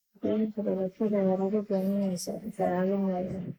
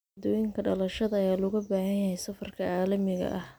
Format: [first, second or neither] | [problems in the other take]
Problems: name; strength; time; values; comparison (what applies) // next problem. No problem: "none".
second | noise reduction (neural mask model Resemble Enhance denoiser)